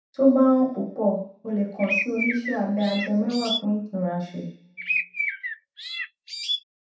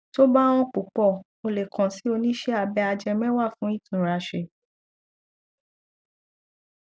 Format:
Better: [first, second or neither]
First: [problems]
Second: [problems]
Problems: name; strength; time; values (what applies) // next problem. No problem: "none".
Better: second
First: background sound (Bird); 5 dB below the speech // room echo; dies away in 0.7 s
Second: none